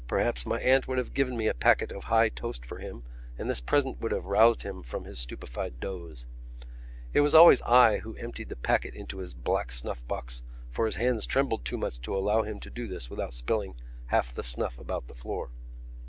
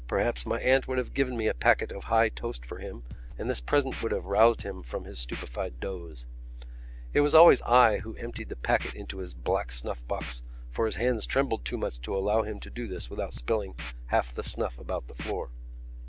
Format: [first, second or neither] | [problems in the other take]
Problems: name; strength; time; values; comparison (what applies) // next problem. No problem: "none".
first | background sound (Scratching (performance technique)); 17 dB below the speech